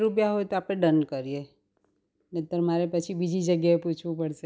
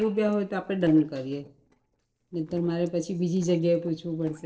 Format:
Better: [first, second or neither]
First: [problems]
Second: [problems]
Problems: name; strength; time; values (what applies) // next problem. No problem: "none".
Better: first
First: none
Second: noise reduction (neural separator model SepFormer DNS4)